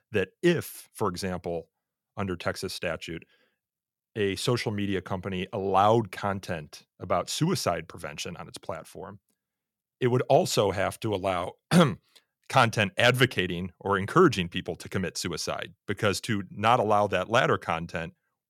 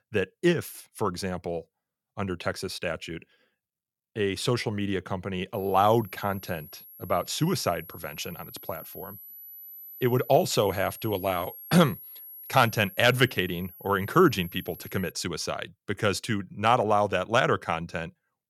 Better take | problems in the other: first | high-pitched whine; noticeable; from 5.5 to 15 s; 11.5 kHz, 15 dB below the speech

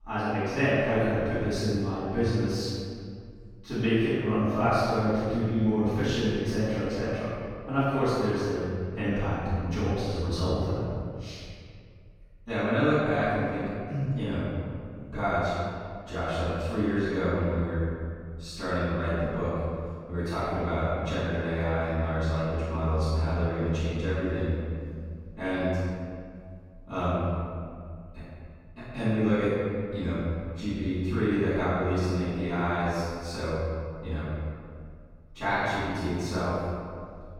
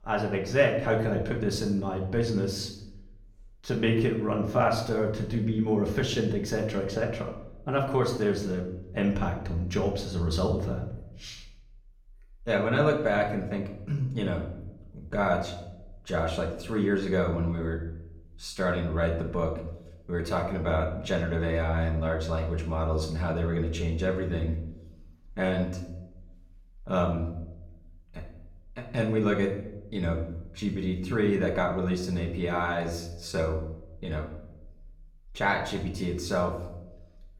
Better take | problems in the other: second | room echo; strong; dies away in 2 s; slight in the second // off-mic speech; far; far in the second

